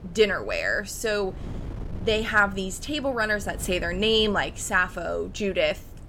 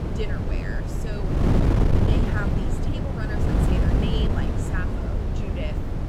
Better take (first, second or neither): first